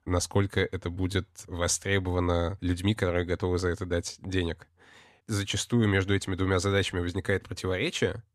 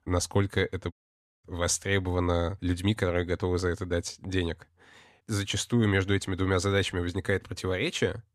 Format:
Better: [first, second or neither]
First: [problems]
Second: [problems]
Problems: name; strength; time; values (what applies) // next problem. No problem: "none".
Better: first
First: none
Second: audio cutting out; at 1 s for 0.5 s